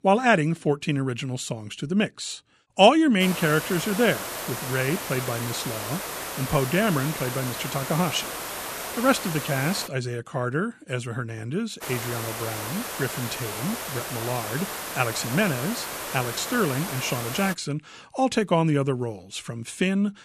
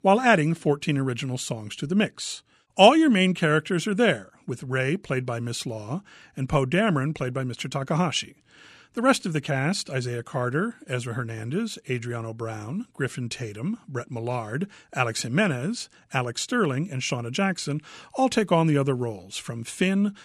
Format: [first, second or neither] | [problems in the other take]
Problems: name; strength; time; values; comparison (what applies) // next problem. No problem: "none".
second | hiss; loud; from 3 to 10 s and from 12 to 18 s; 6 dB below the speech